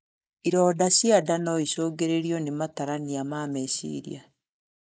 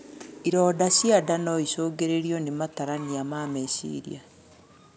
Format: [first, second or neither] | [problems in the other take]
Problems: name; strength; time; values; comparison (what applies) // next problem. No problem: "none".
second | noise reduction (neural mask model Resemble Enhance denoiser)